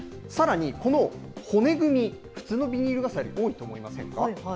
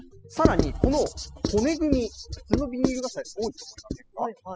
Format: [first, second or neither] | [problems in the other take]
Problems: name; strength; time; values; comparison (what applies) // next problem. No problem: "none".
first | noise reduction (classical method spectral subtraction)